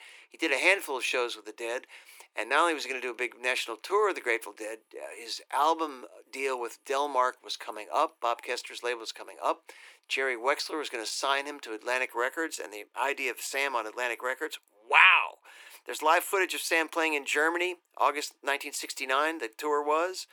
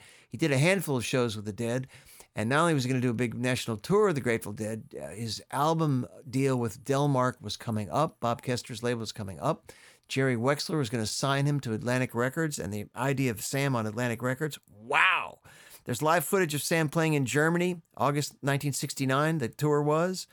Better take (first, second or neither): second